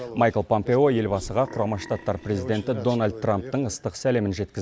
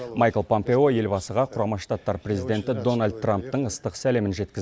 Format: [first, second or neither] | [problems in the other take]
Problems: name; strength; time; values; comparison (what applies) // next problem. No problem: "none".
second | background sound (Burping, eructation); 19 dB below the speech